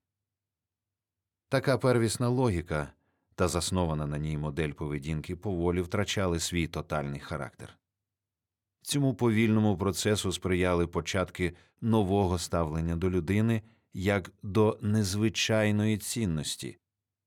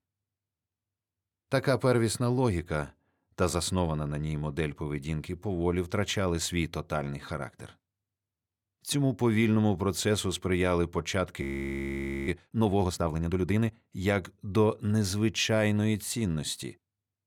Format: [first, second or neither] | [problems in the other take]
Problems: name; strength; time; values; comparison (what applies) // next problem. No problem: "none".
first | audio freezing; at 11 s for 1 s